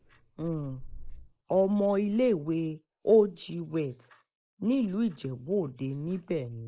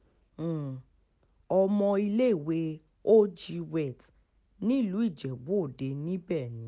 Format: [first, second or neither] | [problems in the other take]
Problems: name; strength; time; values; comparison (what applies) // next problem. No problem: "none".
second | noise reduction (neural mask model Resemble Enhance denoiser)